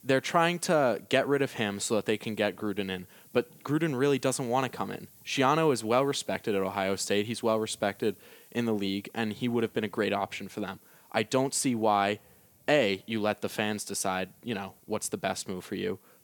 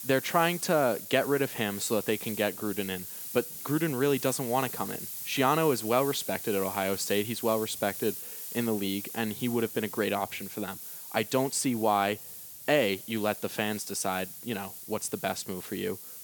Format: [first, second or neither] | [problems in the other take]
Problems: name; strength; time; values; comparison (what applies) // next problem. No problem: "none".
first | hiss; loud; throughout; 8 dB below the speech; faint in the first